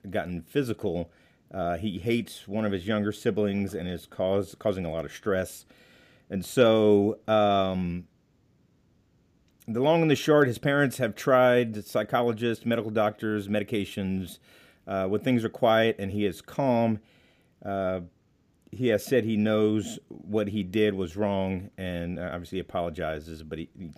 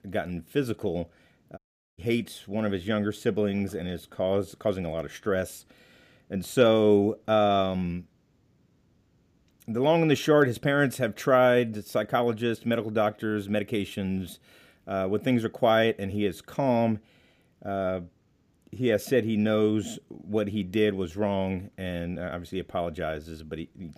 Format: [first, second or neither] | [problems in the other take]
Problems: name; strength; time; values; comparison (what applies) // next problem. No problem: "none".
first | audio cutting out; at 1.5 s